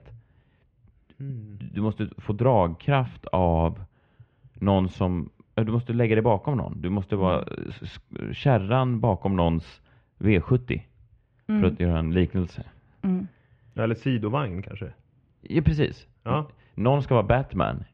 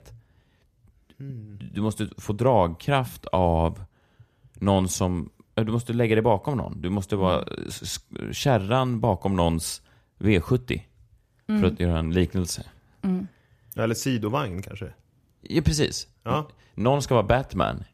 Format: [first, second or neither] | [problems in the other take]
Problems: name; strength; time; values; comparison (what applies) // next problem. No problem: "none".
second | muffled; very; fading above 3 kHz